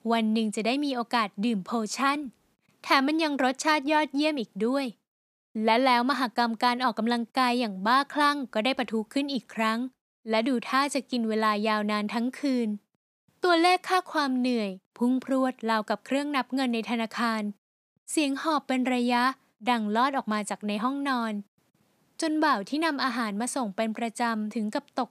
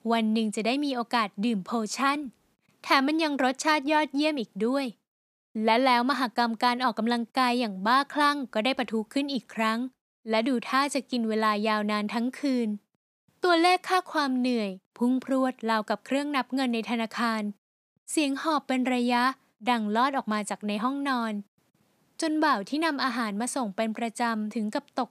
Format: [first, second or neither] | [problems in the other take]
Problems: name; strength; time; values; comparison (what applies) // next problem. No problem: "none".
neither | none